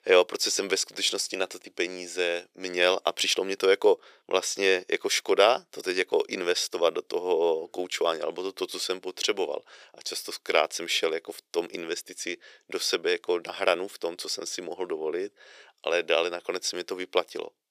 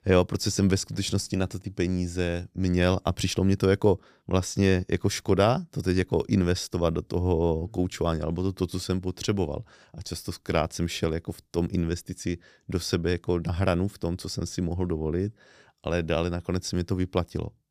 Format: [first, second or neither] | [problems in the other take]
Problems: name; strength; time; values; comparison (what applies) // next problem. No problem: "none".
second | thin; very; fading below 450 Hz